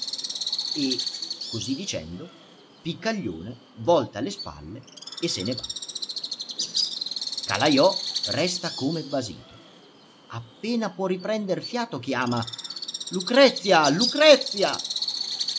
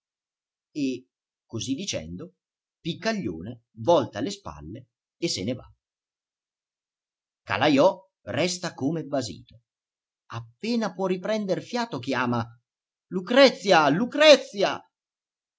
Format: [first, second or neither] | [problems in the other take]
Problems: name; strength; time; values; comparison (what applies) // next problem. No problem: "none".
second | background sound (Bird); 7 dB below the speech